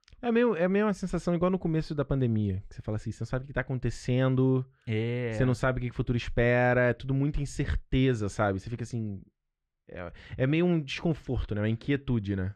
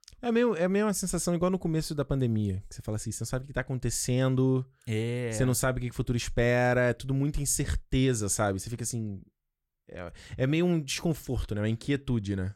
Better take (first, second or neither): second